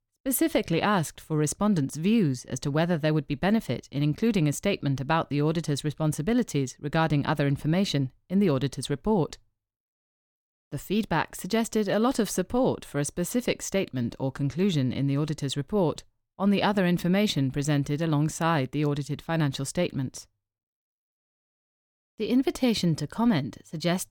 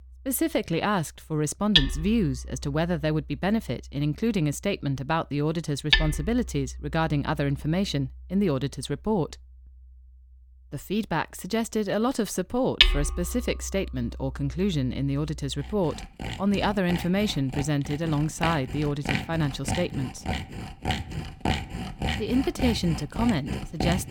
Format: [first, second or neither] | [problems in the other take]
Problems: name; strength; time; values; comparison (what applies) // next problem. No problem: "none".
first | machinery noise; loud; throughout; 2 dB below the speech